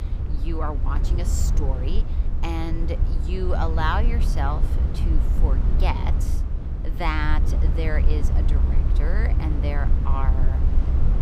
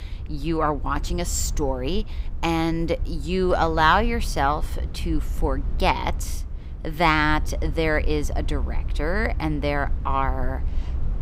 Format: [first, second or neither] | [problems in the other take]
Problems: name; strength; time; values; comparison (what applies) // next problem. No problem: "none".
second | low rumble; loud; throughout; 8 dB below the speech; faint in the second